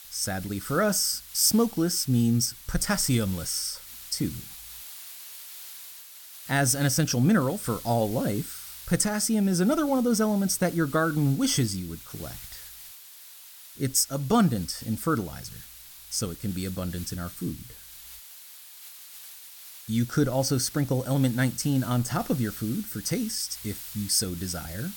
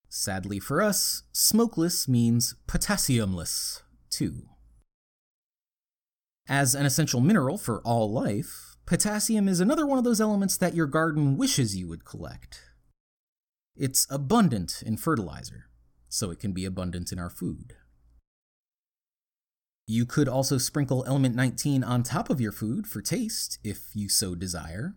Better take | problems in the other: second | hiss; noticeable; throughout; 15 dB below the speech

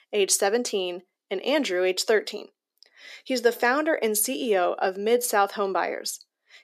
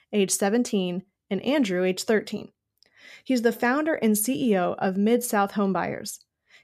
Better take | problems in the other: second | thin; somewhat; fading below 300 Hz

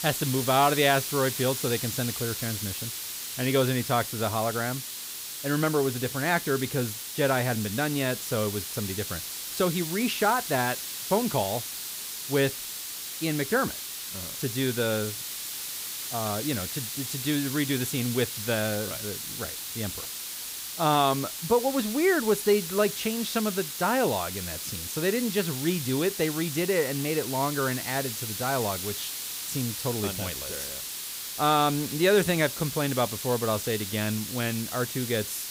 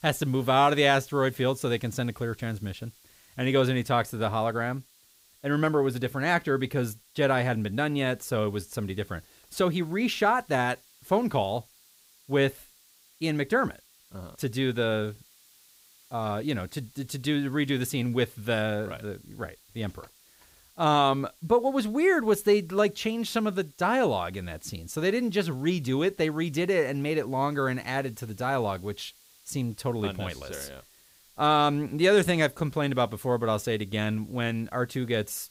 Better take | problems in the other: second | hiss; loud; throughout; 5 dB below the speech; faint in the second

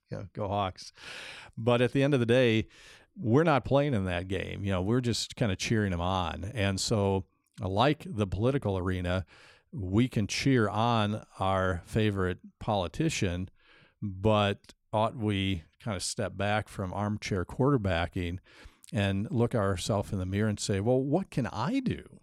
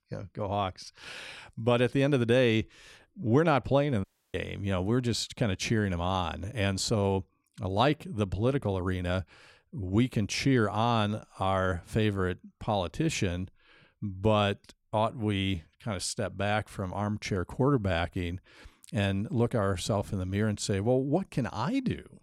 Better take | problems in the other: first | audio cutting out; at 4 s

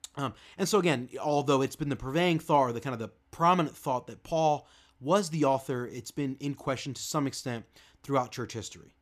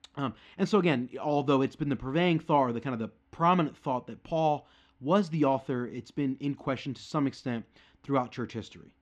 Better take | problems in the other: first | muffled; slightly; fading above 3 kHz

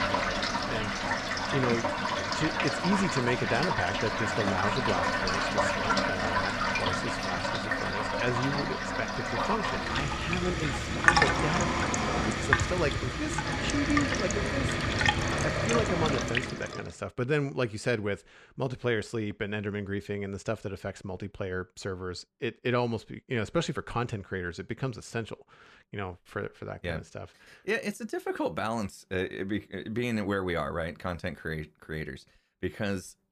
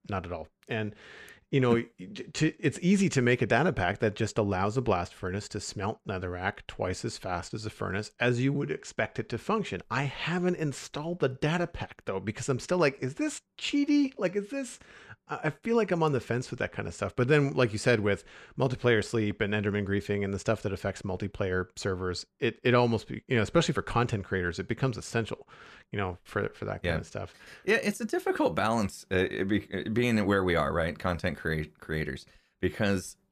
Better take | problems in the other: second | household noises; very loud; until 16 s; 5 dB above the speech

